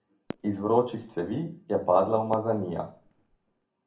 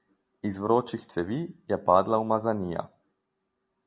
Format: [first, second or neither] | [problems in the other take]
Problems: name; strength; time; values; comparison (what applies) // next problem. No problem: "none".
second | background sound (Fireworks); 18 dB below the speech // room echo; dies away in 0.3 s